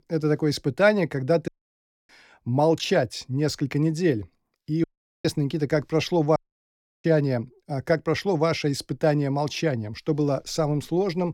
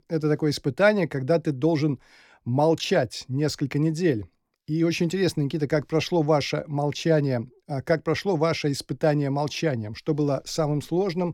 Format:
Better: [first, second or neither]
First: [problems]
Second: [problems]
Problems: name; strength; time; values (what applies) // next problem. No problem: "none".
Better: second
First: audio cutting out; at 1.5 s for 0.5 s, at 5 s and at 6.5 s for 0.5 s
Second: none